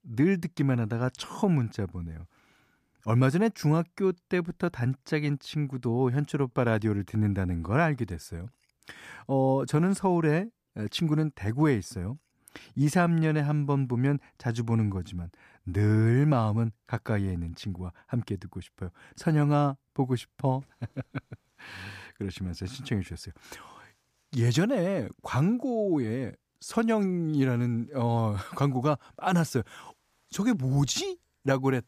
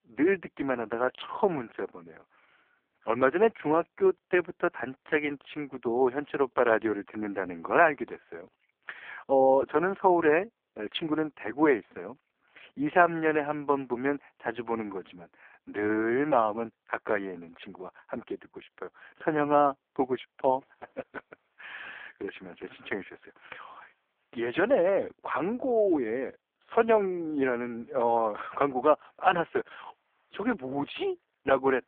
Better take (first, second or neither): first